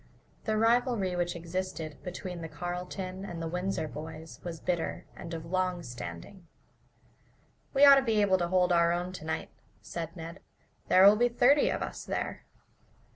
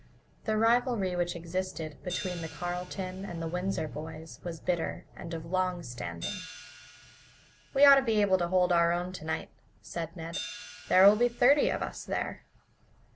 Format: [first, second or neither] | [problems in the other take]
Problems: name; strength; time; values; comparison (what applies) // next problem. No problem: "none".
first | background sound (Hi-hat); 18 dB below the speech